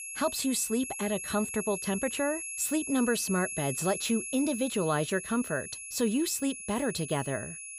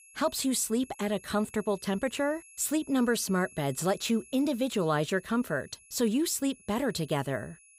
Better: second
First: high-pitched whine; loud; throughout; 11 kHz, 6 dB below the speech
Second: high-pitched whine; faint; throughout; 11 kHz, 25 dB below the speech

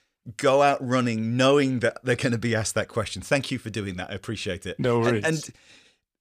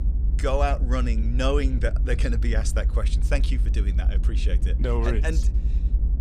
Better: first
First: none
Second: low rumble; noticeable; throughout; 15 dB below the speech

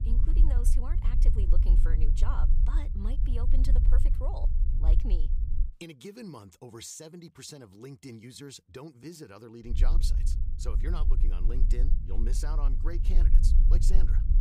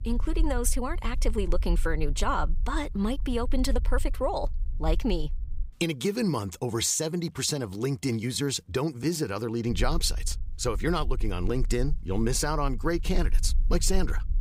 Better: second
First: low rumble; loud; until 5.5 s and from 9.5 s on; 5 dB below the speech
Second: low rumble; faint; until 5.5 s and from 9.5 s on; 25 dB below the speech

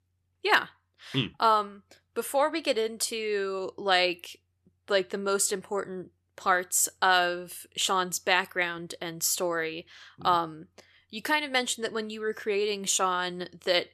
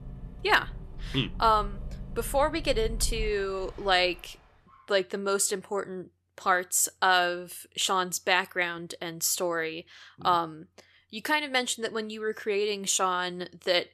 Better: first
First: none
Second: traffic noise; noticeable; until 4 s; 15 dB below the speech

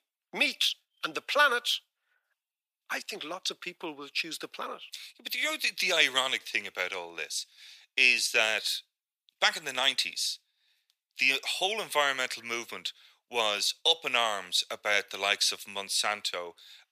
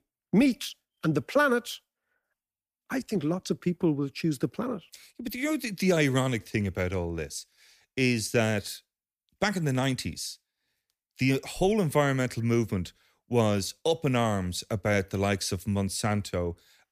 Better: second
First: thin; very; fading below 850 Hz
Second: none

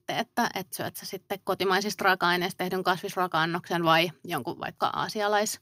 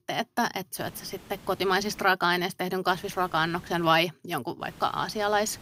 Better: first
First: none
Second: hiss; faint; from 1 to 2 s, from 3 to 4 s and from 4.5 s on; 20 dB below the speech

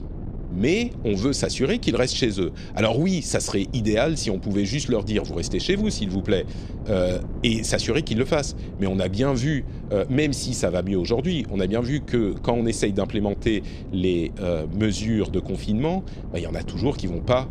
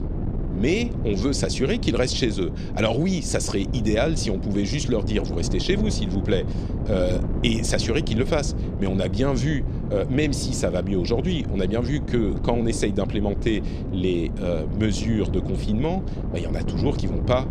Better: first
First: wind noise on the microphone; occasional gusts; 15 dB below the speech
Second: wind noise on the microphone; heavy; 10 dB below the speech

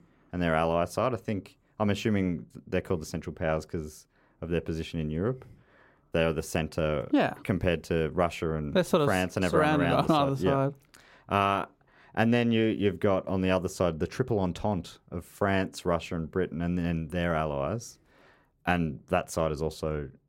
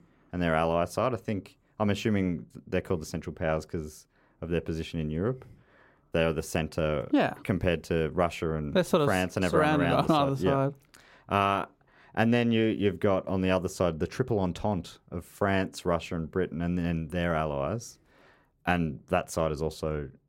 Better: neither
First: none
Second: none

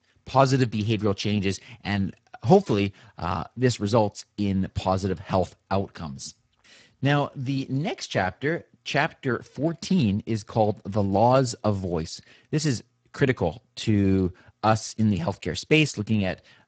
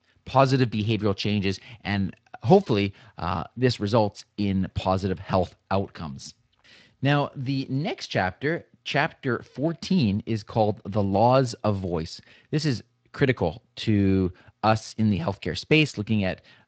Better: second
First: garbled, watery; badly; nothing above 8 kHz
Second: garbled, watery; slightly; nothing above 8 kHz

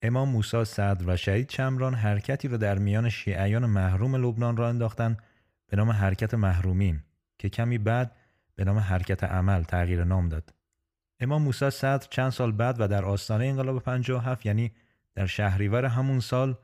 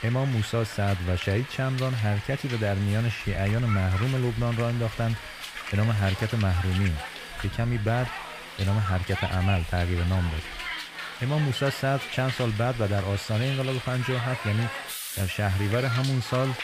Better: first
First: none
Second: hiss; loud; throughout; 8 dB below the speech

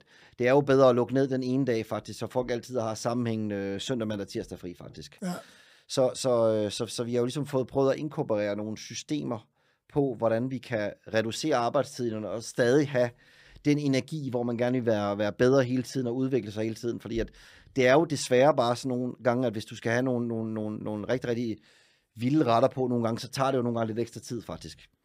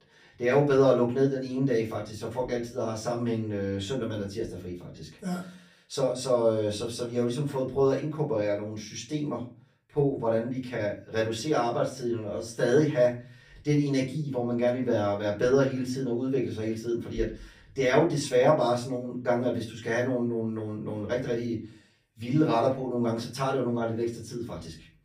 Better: first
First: none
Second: off-mic speech; far // room echo; slight; dies away in 0.4 s

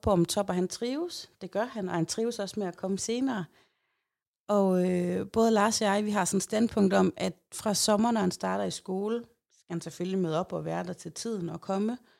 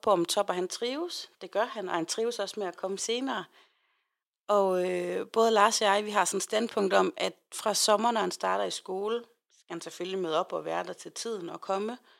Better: first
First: none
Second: thin; somewhat; fading below 400 Hz

